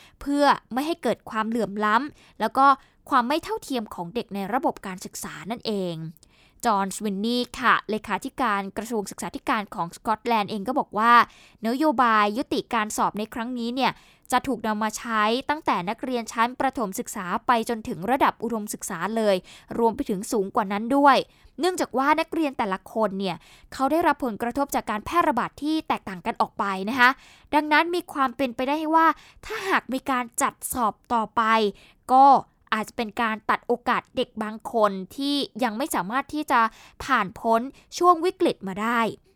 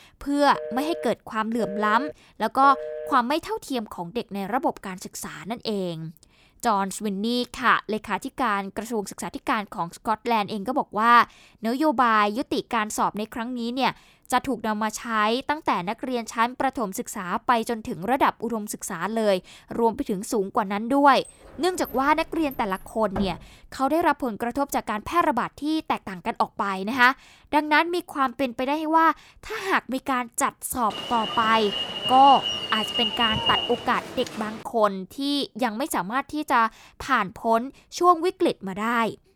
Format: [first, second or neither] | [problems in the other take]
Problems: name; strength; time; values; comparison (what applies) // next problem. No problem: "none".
first | phone ringing; noticeable; from 0.5 to 3 s; peak 9 dB below the speech // door banging; noticeable; from 21 to 23 s; peak 8 dB below the speech // alarm; loud; from 31 to 35 s; peak 2 dB above the speech